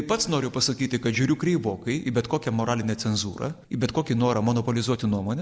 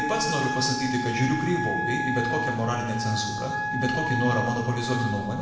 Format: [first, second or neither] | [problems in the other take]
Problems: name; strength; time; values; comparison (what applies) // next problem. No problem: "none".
first | background sound (Wind instrument, woodwind instrument); 3 dB below the speech // room echo; dies away in 1.1 s